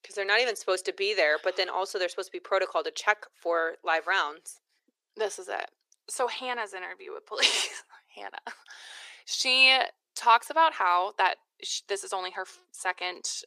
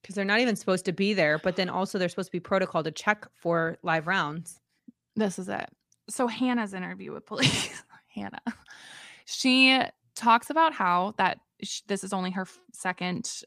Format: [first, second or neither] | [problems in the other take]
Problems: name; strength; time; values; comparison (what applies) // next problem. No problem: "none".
second | thin; very; fading below 400 Hz